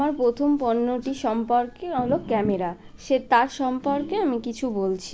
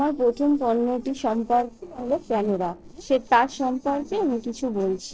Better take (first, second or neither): first